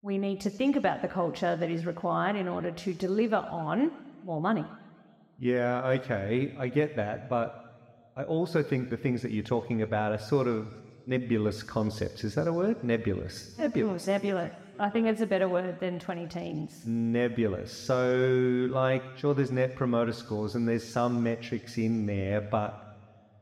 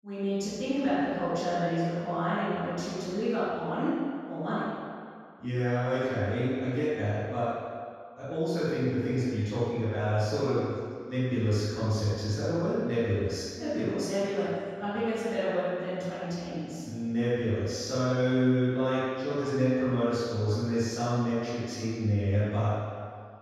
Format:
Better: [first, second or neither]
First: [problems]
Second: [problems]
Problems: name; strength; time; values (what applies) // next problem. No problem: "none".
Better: first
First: room echo; slight; dies away in 1.4 s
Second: room echo; strong; dies away in 1.8 s // off-mic speech; far